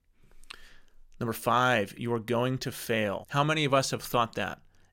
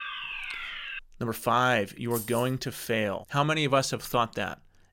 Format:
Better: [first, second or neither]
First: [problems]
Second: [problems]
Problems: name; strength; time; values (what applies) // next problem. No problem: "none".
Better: first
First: none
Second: alarm; noticeable; at the start; peak 6 dB below the speech // jangling keys; noticeable; at 2 s; peak 9 dB below the speech